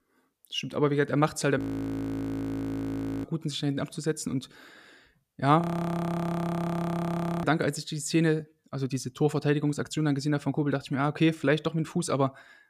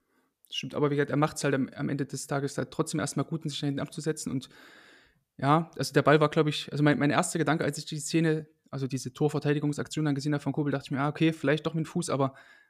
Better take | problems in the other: second | audio freezing; at 1.5 s for 1.5 s and at 5.5 s for 2 s

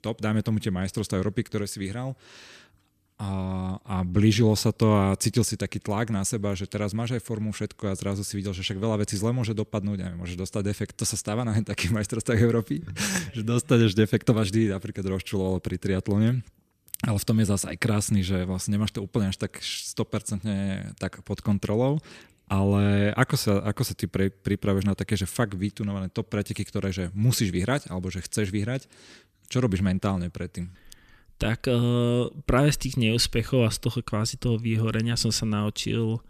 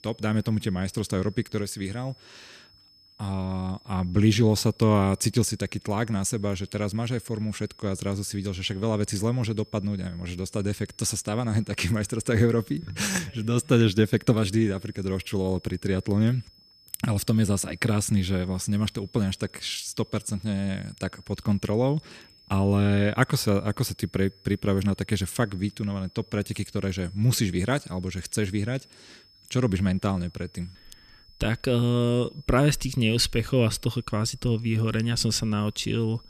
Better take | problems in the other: first | high-pitched whine; faint; throughout; 5 kHz, 25 dB below the speech

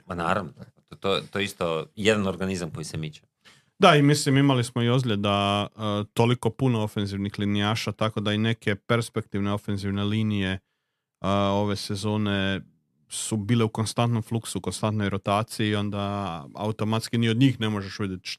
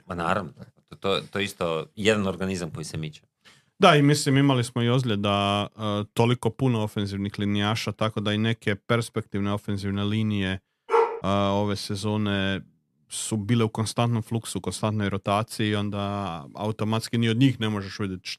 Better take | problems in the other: first | dog barking; loud; at 11 s; peak 2 dB above the speech

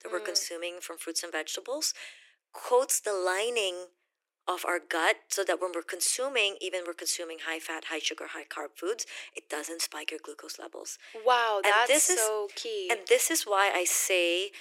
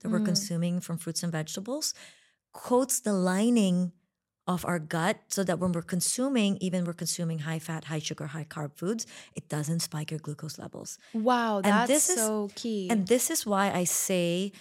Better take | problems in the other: second | thin; very; fading below 300 Hz

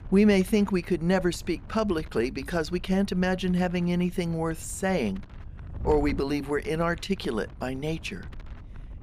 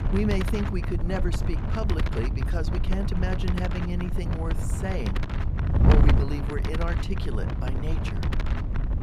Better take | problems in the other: first | wind noise on the microphone; heavy; 1 dB below the speech; occasional gusts in the first

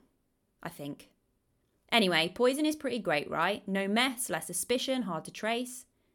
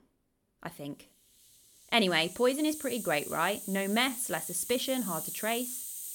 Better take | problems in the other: first | hiss; loud; throughout; 9 dB below the speech

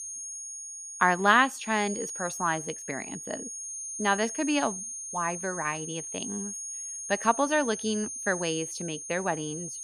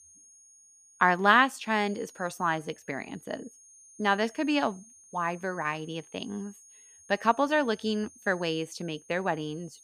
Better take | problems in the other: second | high-pitched whine; loud; throughout; 6.5 kHz, 7 dB below the speech; faint in the second

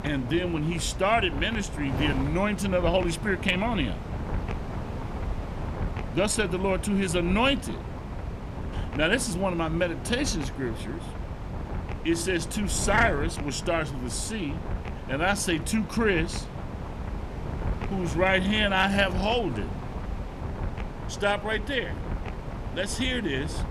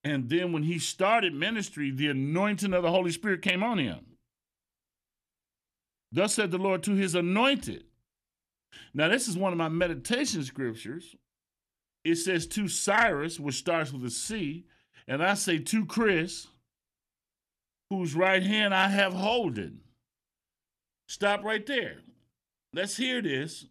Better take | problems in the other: second | wind noise on the microphone; occasional gusts; 15 dB below the speech

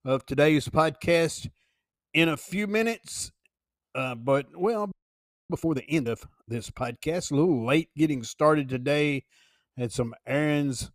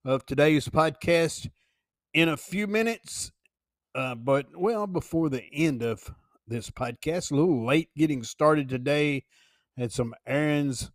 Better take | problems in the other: second | audio freezing; at 5 s for 0.5 s

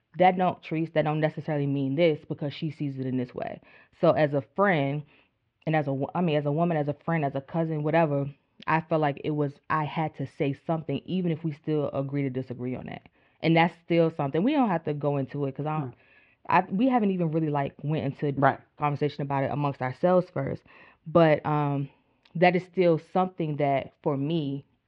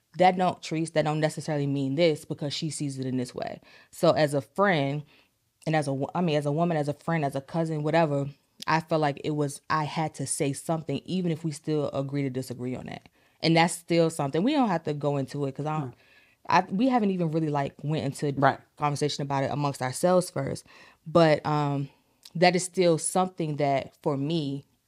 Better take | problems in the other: second | muffled; very; fading above 3 kHz

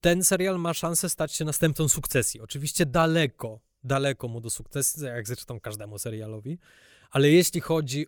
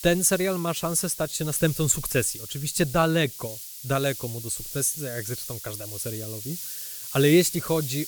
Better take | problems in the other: first | hiss; loud; throughout; 9 dB below the speech

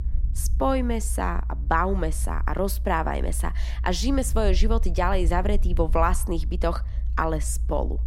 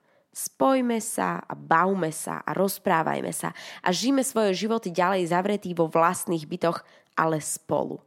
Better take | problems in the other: second | low rumble; faint; throughout; 20 dB below the speech

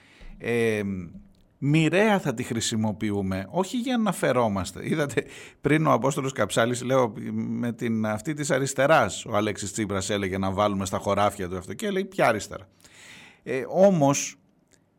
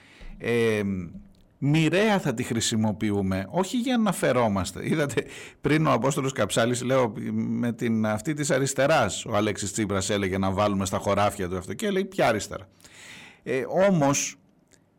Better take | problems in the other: first | distortion; slight; 10 dB below the speech

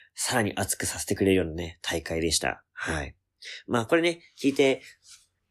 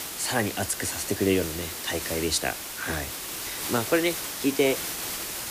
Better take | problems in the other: first | hiss; loud; throughout; 4 dB below the speech

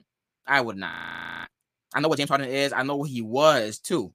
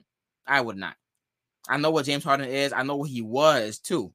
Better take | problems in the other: second | audio freezing; at 1 s for 0.5 s

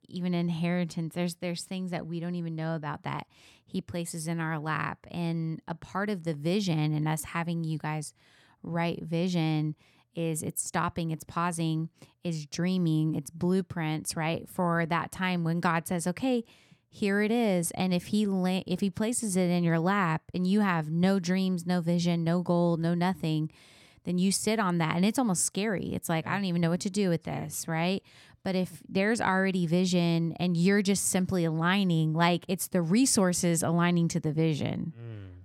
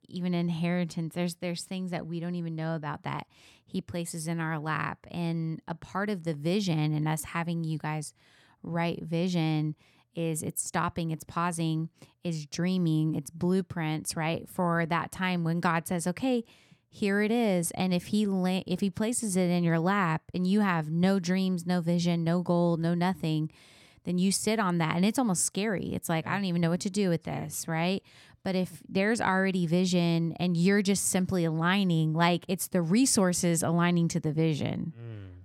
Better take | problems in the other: neither | none

